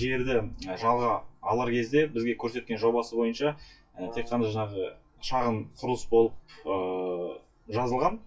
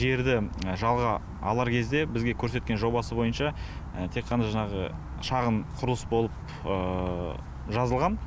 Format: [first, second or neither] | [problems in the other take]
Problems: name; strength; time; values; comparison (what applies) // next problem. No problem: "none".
second | noise reduction (classical method WPE with log-MMSE)